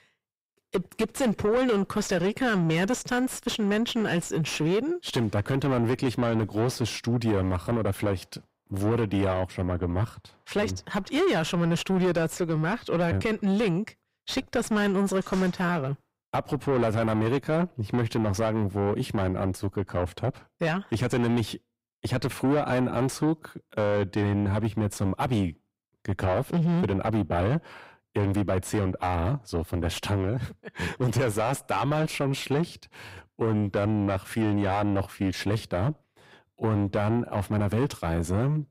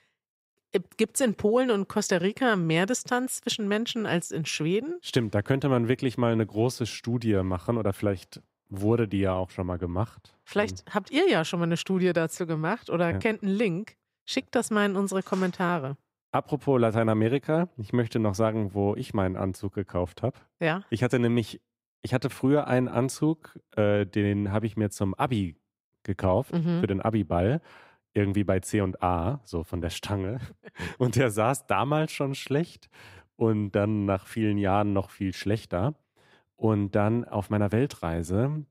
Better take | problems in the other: second | distortion; heavy; 6 dB below the speech

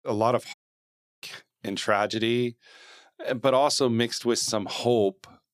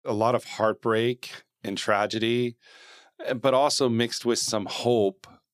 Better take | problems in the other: second | audio cutting out; at 0.5 s for 0.5 s

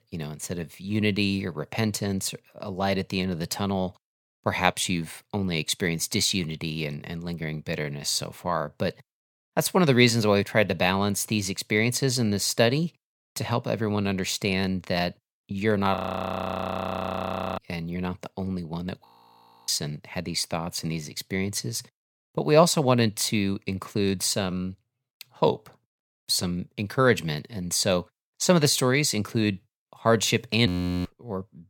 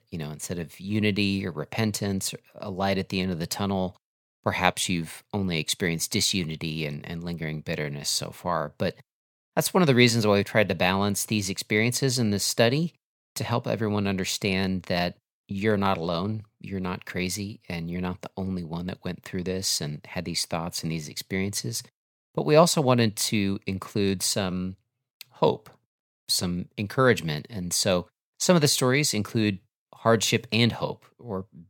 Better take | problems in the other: second | audio freezing; at 16 s for 1.5 s, at 19 s for 0.5 s and at 31 s

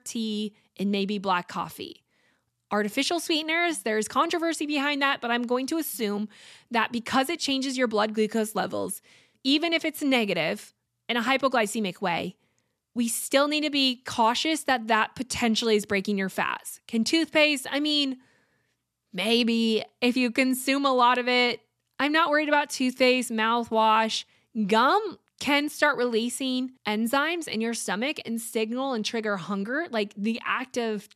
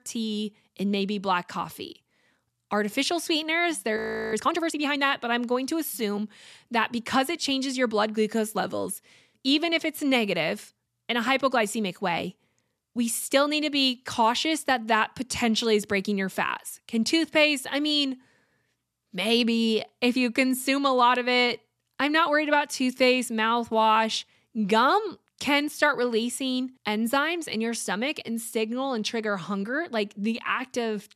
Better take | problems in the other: first | audio freezing; at 4 s

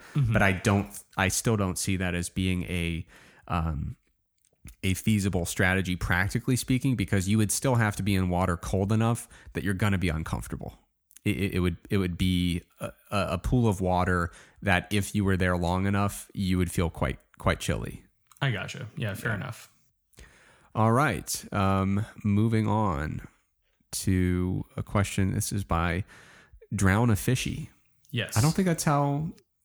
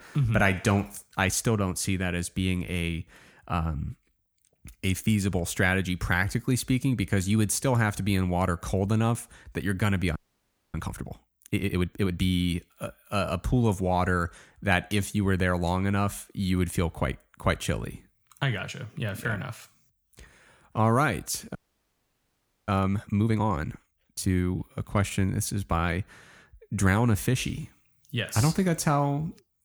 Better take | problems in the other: first | audio freezing; at 10 s for 0.5 s and at 22 s for 1 s

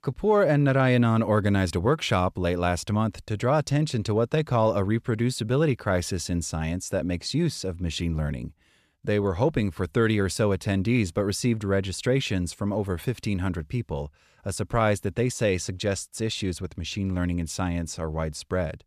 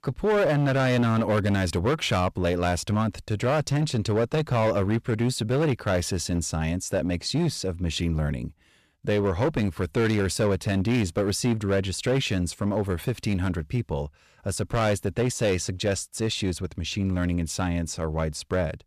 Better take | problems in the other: first | distortion; slight; 11% of the sound clipped

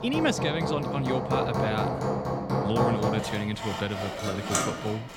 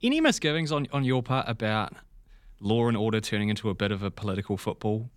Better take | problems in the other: second | machinery noise; very loud; throughout; 1 dB above the speech

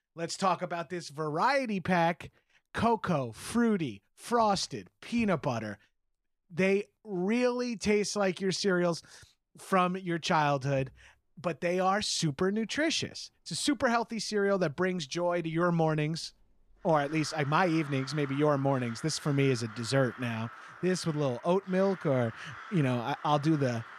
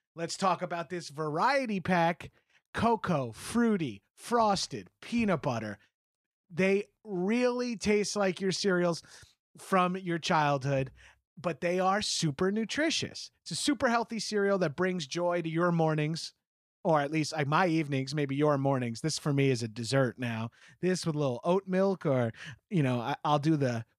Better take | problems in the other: second | animal sounds; noticeable; throughout; 15 dB below the speech

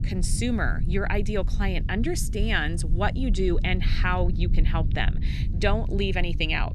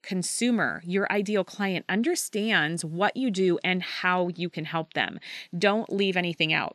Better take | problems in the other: second | low rumble; noticeable; throughout; 15 dB below the speech

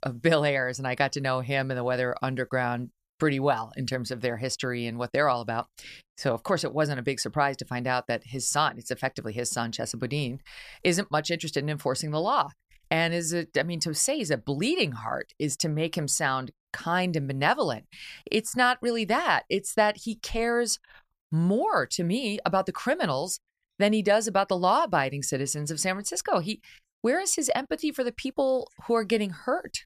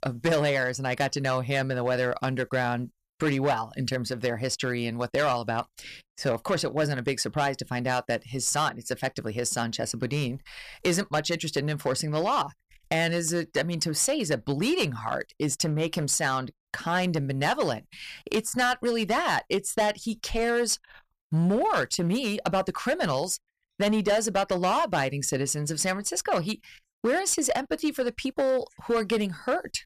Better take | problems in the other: first | distortion; slight; 6% of the sound clipped

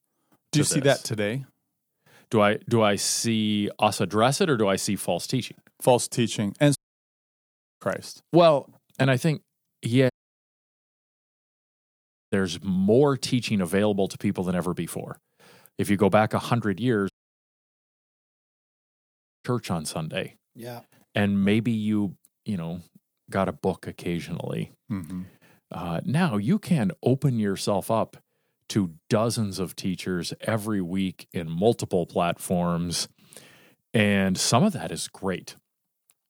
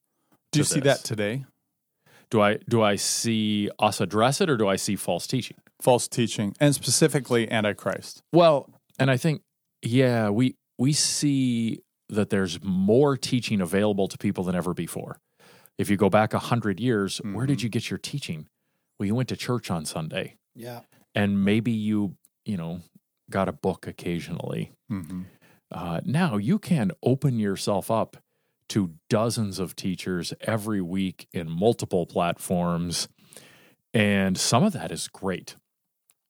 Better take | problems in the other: second | audio cutting out; at 7 s for 1 s, at 10 s for 2 s and at 17 s for 2.5 s

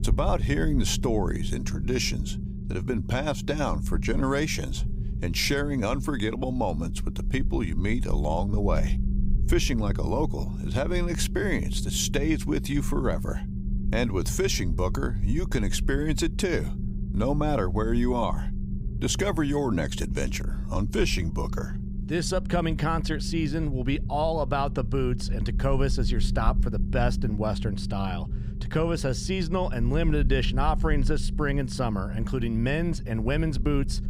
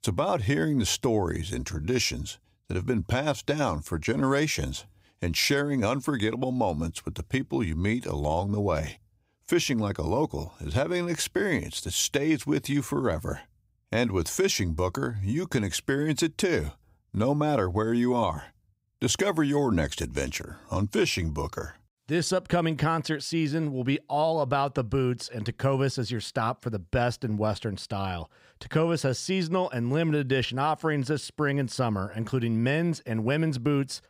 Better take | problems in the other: second | low rumble; noticeable; throughout; 15 dB below the speech

